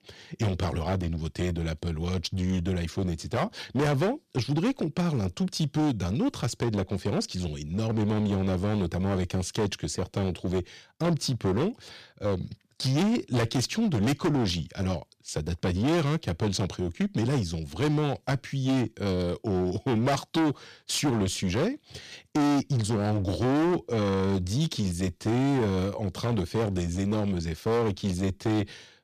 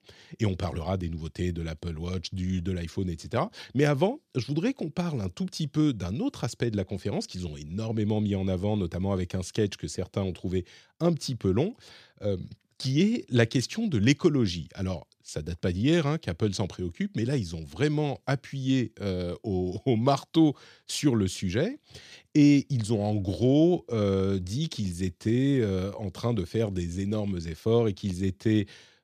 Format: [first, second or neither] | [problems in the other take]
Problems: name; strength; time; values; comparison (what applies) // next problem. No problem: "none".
second | distortion; heavy; 16% of the sound clipped